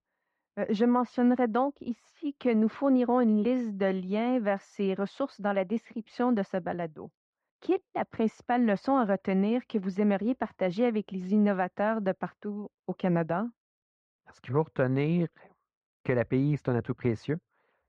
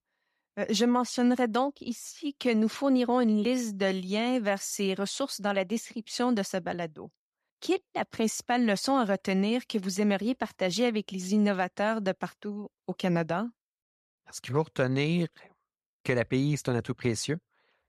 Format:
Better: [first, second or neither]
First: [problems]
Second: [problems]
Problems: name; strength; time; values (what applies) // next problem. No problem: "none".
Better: second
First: muffled; very; fading above 1.5 kHz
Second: none